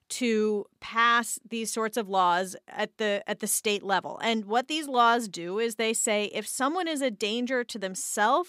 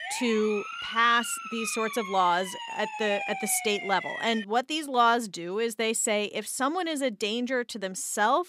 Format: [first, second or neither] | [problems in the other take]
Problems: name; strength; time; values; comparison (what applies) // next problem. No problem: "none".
first | siren; noticeable; until 4.5 s; peak 5 dB below the speech